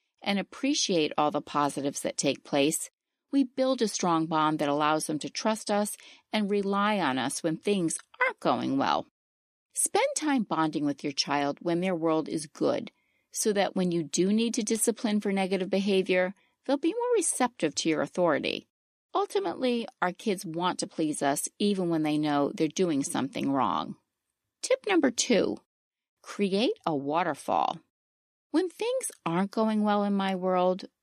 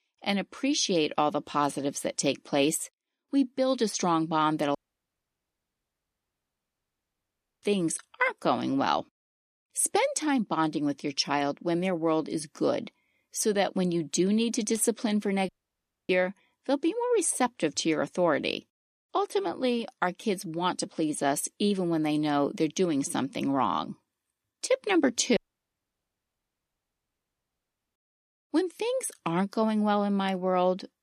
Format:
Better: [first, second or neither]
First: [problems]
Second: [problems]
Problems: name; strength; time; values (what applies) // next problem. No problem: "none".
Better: first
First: none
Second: audio cutting out; at 5 s for 3 s, at 15 s for 0.5 s and at 25 s for 2.5 s